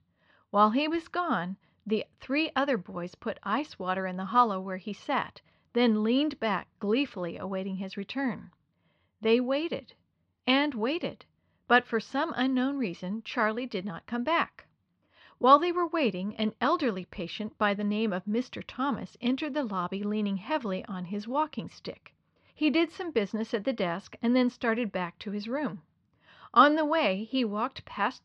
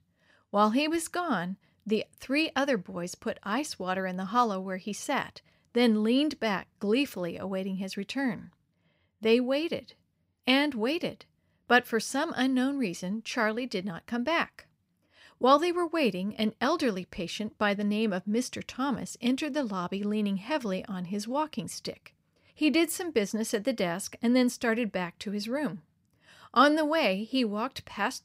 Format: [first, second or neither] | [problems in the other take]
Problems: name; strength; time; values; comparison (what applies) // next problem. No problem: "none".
second | muffled; slightly; fading above 4 kHz